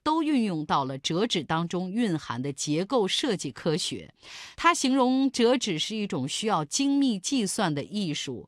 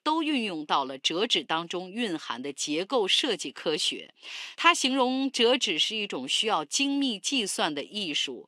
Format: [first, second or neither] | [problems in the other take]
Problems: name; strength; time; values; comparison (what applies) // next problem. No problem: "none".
first | thin; very slightly; fading below 300 Hz